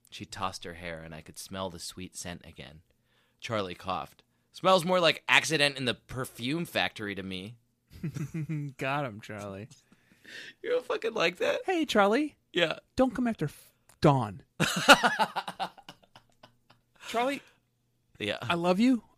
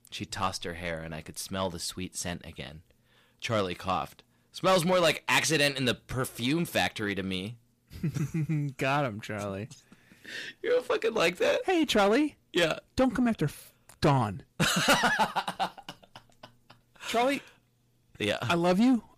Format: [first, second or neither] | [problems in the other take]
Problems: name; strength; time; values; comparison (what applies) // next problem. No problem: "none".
first | distortion; heavy; 7 dB below the speech